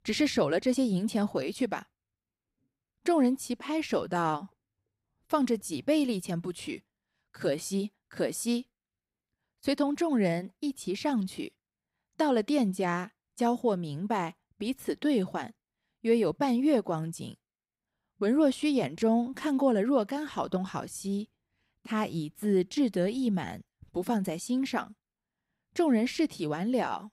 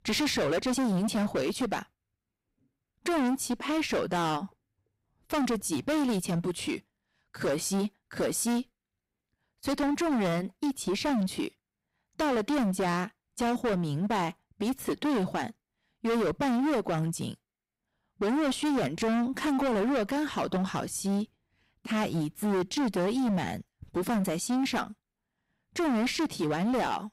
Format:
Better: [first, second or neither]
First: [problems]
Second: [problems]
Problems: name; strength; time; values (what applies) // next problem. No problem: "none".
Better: first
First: none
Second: distortion; heavy; 23% of the sound clipped